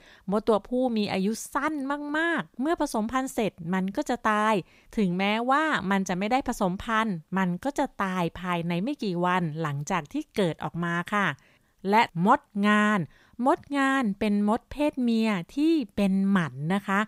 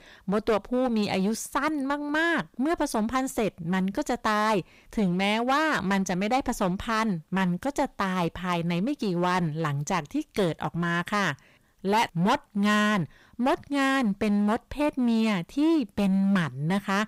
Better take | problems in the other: first | distortion; slight; 10% of the sound clipped

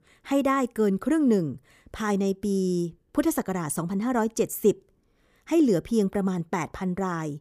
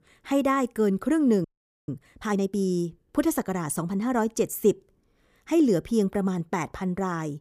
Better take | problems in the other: first | audio freezing; at 1.5 s

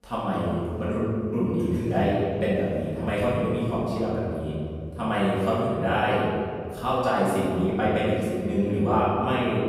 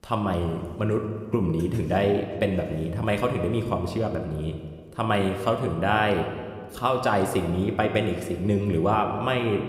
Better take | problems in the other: second | room echo; strong; dies away in 2.1 s; slight in the second // off-mic speech; far

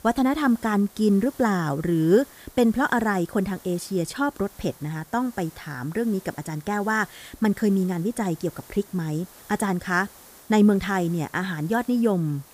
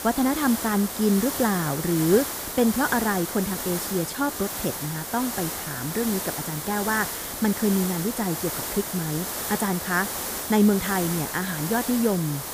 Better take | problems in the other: first | hiss; loud; throughout; 4 dB below the speech; faint in the first

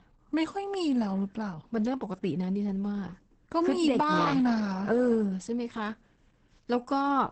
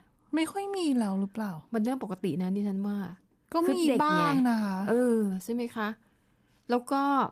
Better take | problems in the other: second | garbled, watery; badly; nothing above 8 kHz; slightly in the second

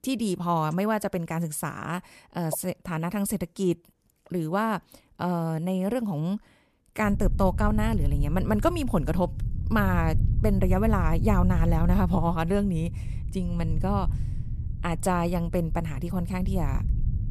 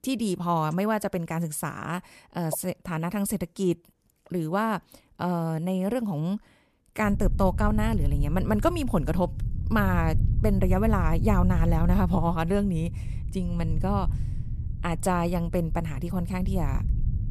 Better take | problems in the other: neither | low rumble; noticeable; from 7 s on; 15 dB below the speech; the same in both

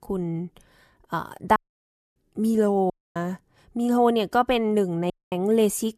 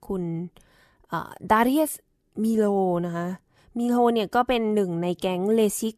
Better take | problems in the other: second | audio cutting out; at 1.5 s for 0.5 s, at 3 s and at 5 s

